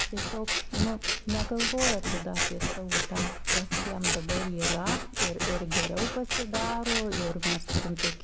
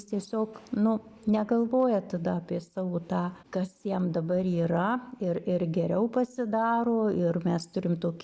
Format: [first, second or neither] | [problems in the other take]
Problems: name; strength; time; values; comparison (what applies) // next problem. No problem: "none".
second | background sound (Scissors); 3 dB above the speech